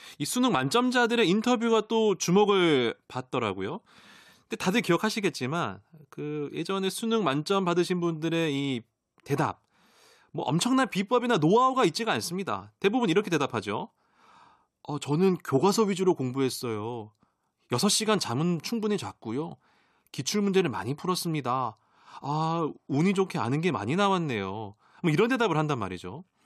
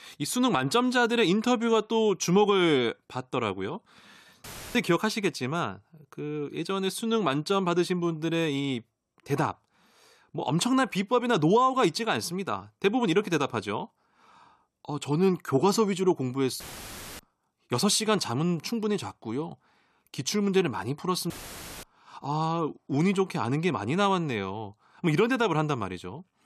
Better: first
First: none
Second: audio cutting out; filled with static; at 4.5 s, at 17 s for 0.5 s and at 21 s for 0.5 s

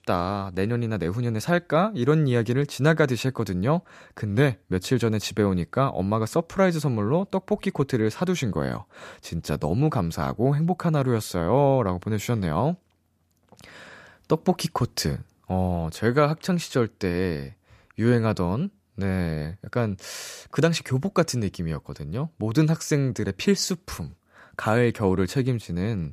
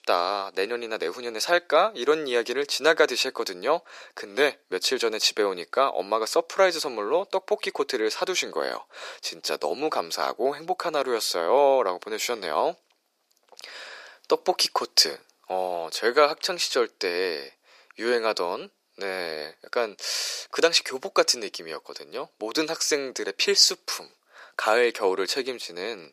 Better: first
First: none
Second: thin; very; fading below 400 Hz

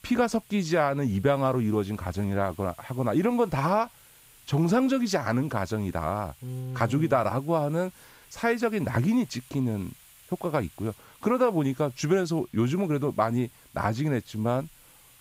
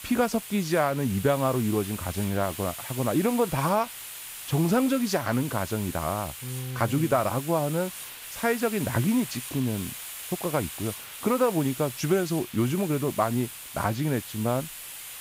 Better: first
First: hiss; faint; throughout; 25 dB below the speech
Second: hiss; loud; throughout; 10 dB below the speech

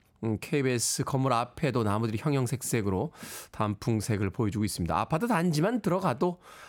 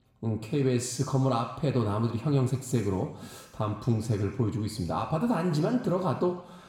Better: first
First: none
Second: room echo; slight; dies away in 1 s // off-mic speech; somewhat distant

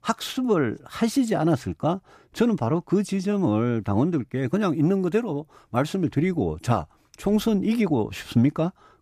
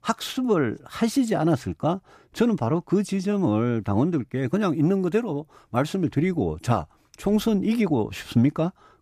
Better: neither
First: none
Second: none

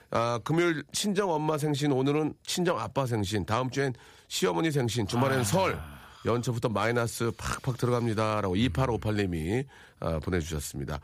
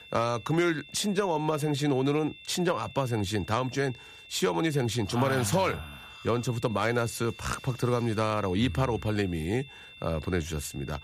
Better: first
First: none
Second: high-pitched whine; noticeable; throughout; 2.5 kHz, 20 dB below the speech

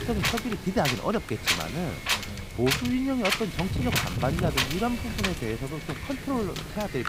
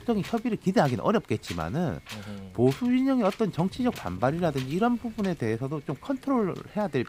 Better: second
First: wind noise on the microphone; heavy; 2 dB above the speech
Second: wind noise on the microphone; occasional gusts; 15 dB below the speech

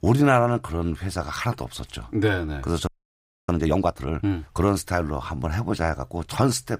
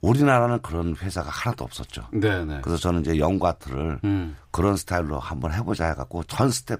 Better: second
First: audio freezing; at 3 s for 0.5 s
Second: none

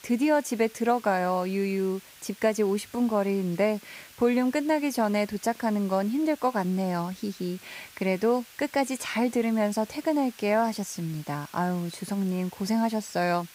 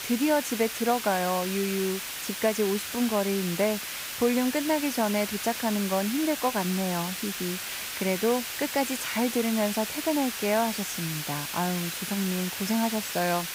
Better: first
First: hiss; faint; throughout; 20 dB below the speech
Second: hiss; loud; throughout; 4 dB below the speech

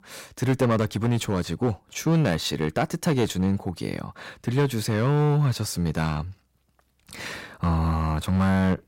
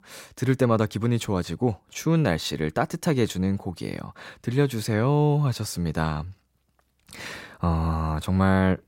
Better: second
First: distortion; slight; 5% of the sound clipped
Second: none

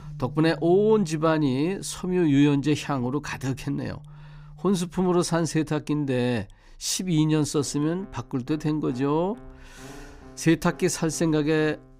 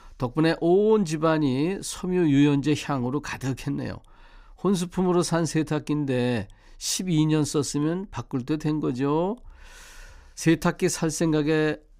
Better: second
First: background music; faint; throughout; 20 dB below the speech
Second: none

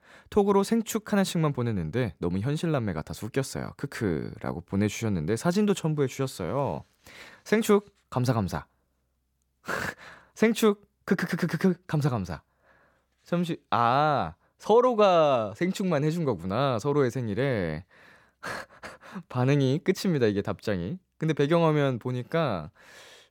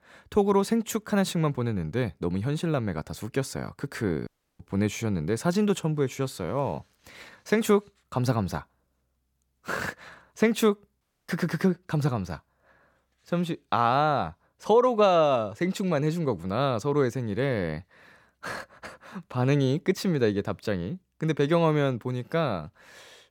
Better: first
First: none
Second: audio cutting out; at 4.5 s and at 11 s

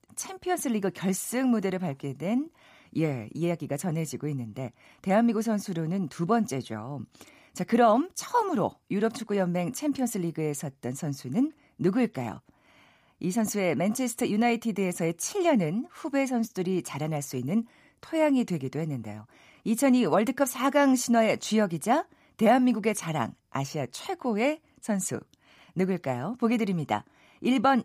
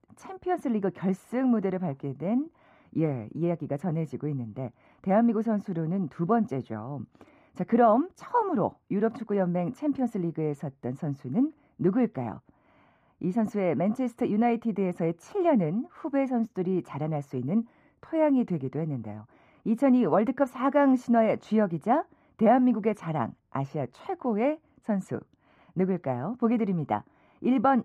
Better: first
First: none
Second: muffled; very; fading above 3 kHz

